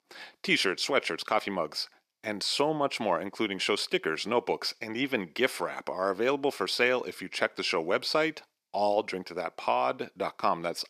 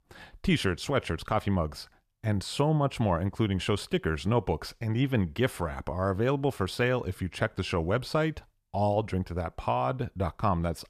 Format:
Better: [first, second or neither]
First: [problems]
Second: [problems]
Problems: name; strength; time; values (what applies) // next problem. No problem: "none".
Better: second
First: thin; somewhat; fading below 300 Hz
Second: none